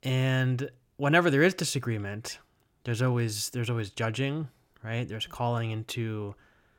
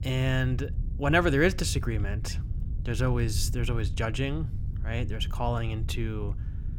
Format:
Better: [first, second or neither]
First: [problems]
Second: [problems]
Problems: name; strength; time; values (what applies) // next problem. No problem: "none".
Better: first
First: none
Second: low rumble; noticeable; throughout; 20 dB below the speech